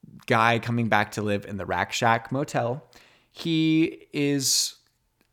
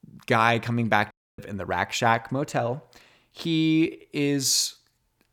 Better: first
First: none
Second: audio cutting out; at 1 s

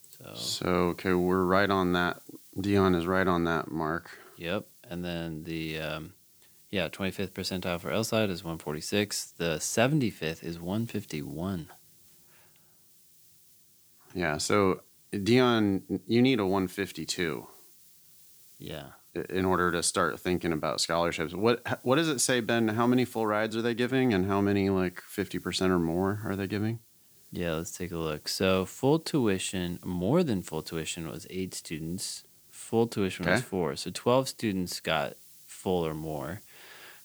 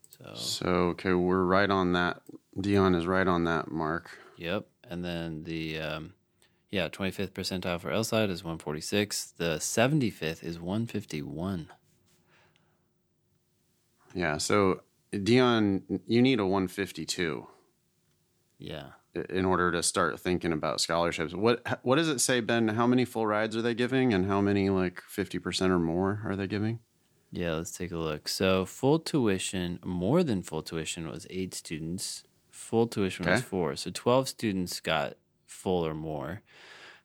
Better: second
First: hiss; faint; throughout; 25 dB below the speech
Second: none

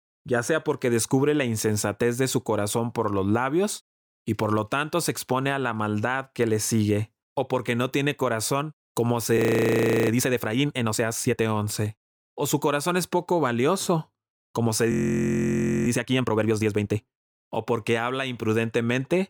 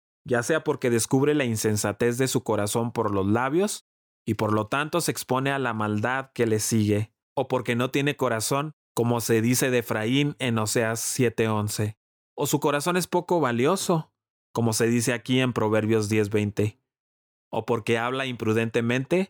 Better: second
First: audio freezing; at 9.5 s for 0.5 s and at 15 s for 1 s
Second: none

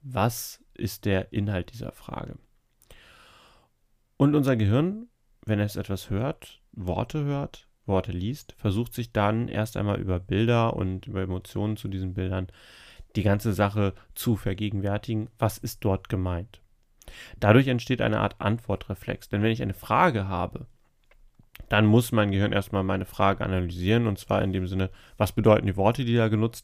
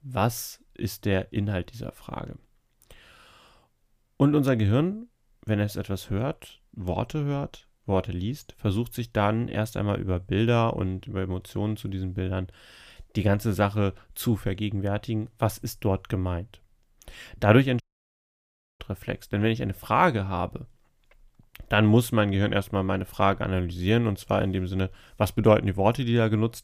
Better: first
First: none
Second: audio cutting out; at 18 s for 1 s

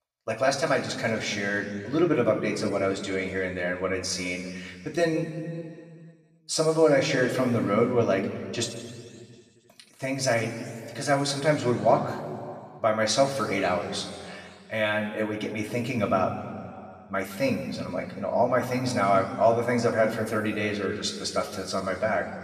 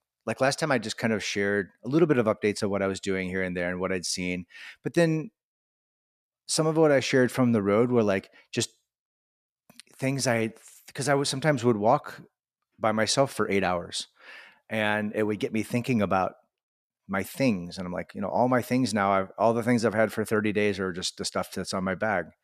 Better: second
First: room echo; noticeable; dies away in 1.9 s // off-mic speech; somewhat distant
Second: none

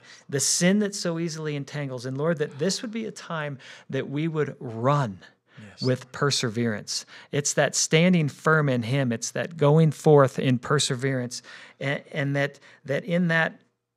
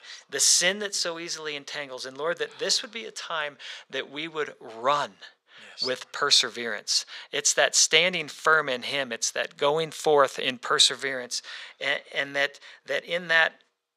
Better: first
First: none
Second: thin; very; fading below 600 Hz

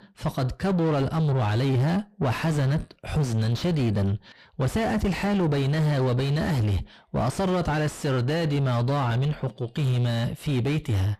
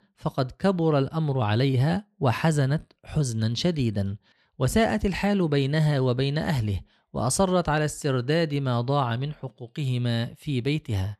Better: second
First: distortion; heavy; 6 dB below the speech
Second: none

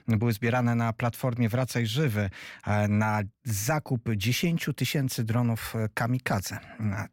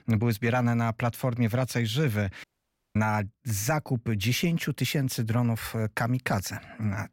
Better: first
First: none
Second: audio cutting out; at 2.5 s for 0.5 s

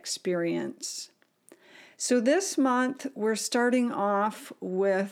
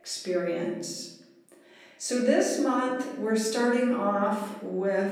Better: first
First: none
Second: room echo; noticeable; dies away in 0.8 s // off-mic speech; far

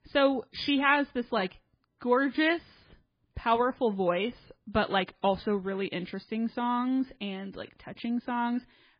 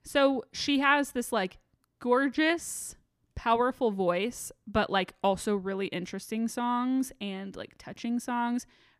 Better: second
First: garbled, watery; badly; nothing above 5 kHz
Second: none

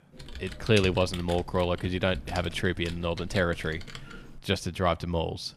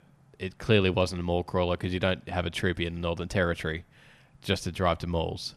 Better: second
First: keyboard typing; noticeable; until 4.5 s; peak 8 dB below the speech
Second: none

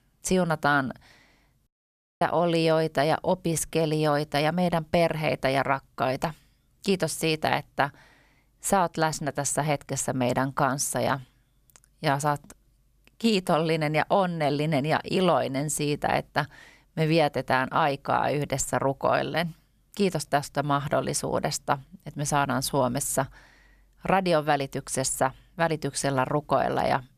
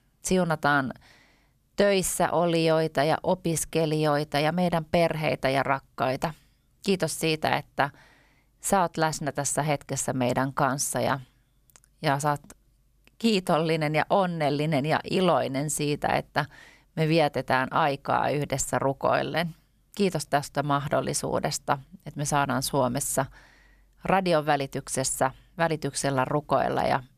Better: second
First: audio cutting out; at 1.5 s for 0.5 s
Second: none

